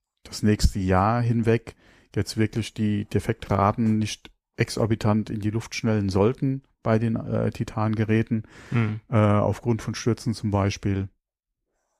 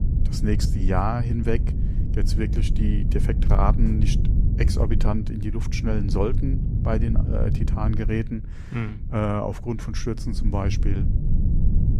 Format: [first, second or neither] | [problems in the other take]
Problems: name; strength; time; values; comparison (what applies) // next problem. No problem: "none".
first | low rumble; loud; throughout; 8 dB below the speech